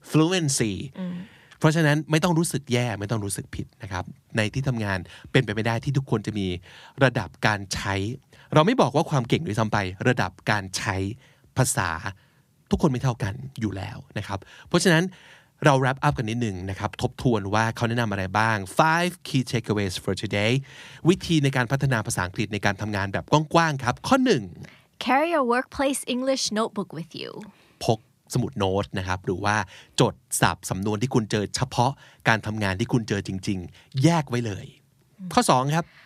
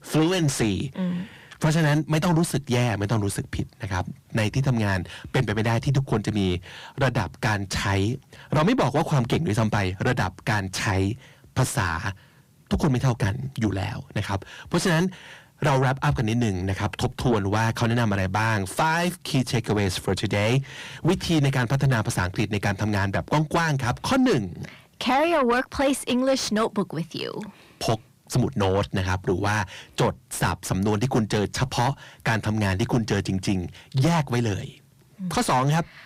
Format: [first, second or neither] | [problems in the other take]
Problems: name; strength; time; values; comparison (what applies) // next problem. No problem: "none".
first | distortion; heavy; 5 dB below the speech